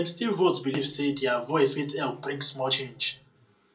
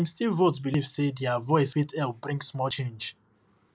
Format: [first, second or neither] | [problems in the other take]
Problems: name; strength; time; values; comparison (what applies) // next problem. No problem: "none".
second | room echo; dies away in 0.2 s